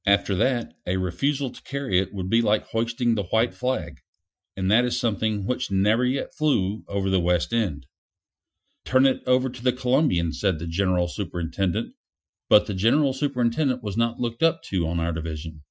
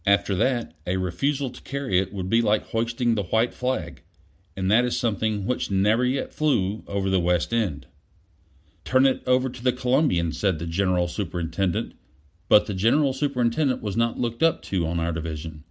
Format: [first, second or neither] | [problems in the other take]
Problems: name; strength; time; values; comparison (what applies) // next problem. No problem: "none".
second | noise reduction (classical method Wiener filter)